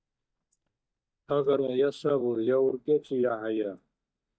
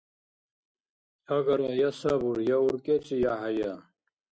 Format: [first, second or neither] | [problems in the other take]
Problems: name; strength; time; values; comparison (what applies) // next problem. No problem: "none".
second | noise reduction (neural mask model DeepFilterNet 3)